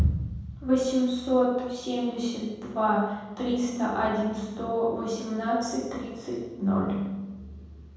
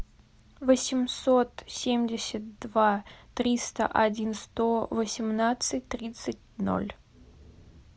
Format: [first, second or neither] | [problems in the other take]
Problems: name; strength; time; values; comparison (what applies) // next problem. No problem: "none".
second | room echo; dies away in 1.3 s